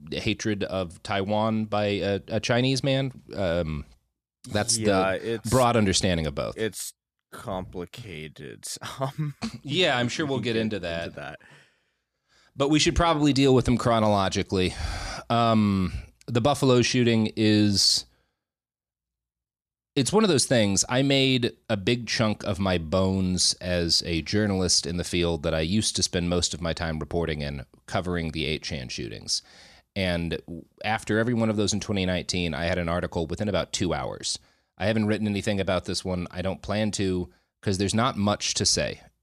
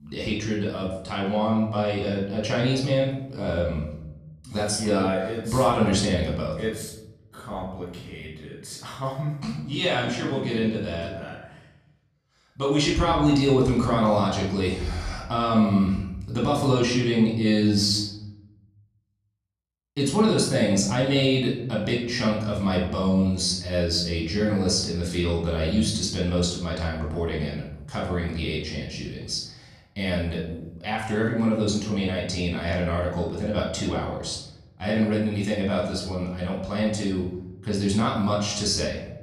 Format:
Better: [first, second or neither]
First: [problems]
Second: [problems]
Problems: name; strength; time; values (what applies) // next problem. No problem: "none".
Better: first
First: none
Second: off-mic speech; far // room echo; noticeable; dies away in 0.9 s